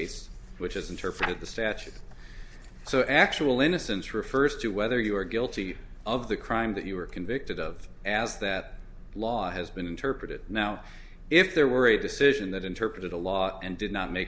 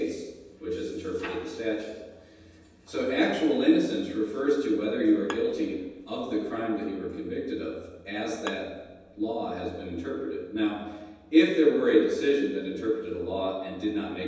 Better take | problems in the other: first | background sound (Bowed string instrument); 18 dB below the speech // room echo; dies away in 1.1 s

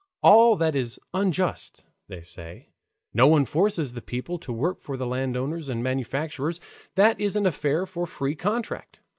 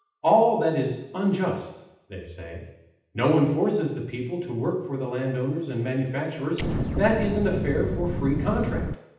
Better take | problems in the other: first | background sound (Explosion); 2 dB below the speech // room echo; dies away in 0.8 s

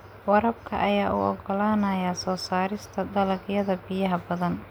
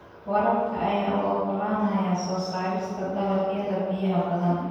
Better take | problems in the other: first | room echo; dies away in 1.2 s

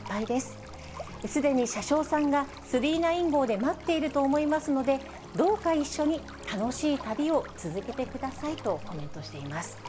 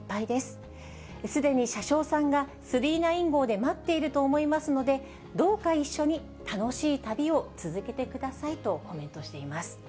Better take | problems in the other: second | background sound (Stream); 17 dB below the speech

